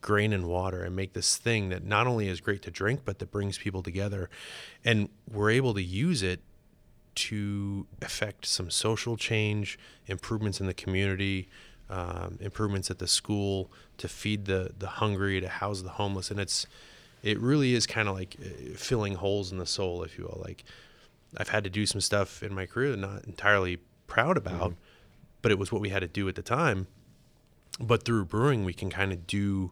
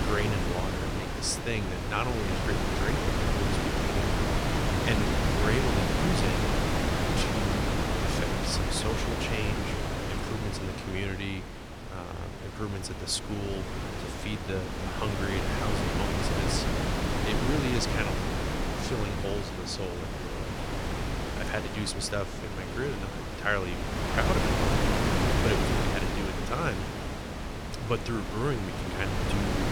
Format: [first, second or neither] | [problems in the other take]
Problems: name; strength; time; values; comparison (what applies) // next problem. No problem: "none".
first | wind noise on the microphone; heavy; 3 dB above the speech